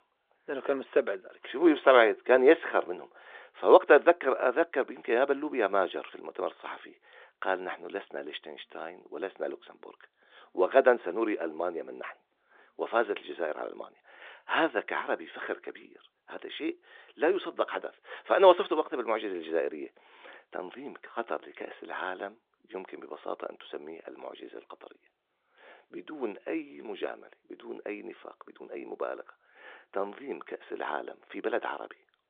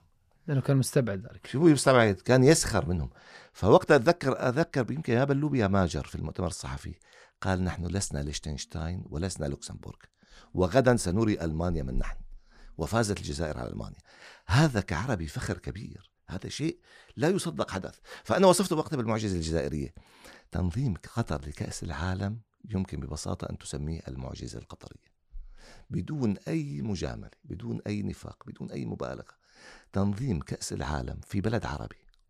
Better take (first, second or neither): second